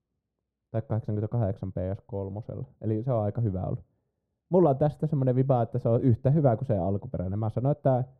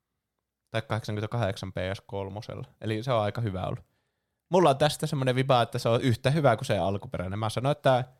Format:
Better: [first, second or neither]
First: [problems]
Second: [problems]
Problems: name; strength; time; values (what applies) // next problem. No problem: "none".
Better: second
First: muffled; very; fading above 1.5 kHz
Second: none